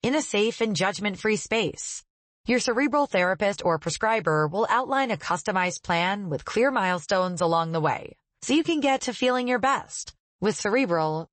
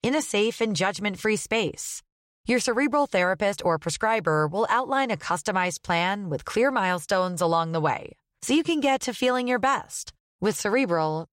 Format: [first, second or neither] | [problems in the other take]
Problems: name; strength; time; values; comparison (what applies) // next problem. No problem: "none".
second | garbled, watery; slightly; nothing above 8 kHz